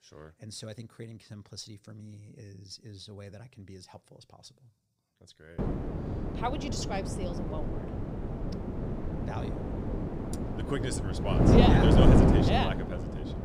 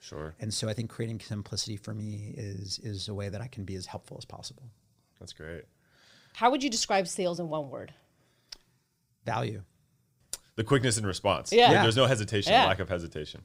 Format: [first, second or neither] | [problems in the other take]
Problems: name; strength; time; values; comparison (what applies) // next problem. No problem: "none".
second | wind noise on the microphone; heavy; from 5.5 s on; 2 dB above the speech